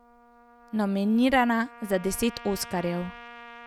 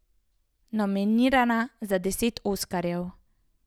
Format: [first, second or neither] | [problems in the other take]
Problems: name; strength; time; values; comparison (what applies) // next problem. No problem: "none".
second | background sound (Trumpet); 19 dB below the speech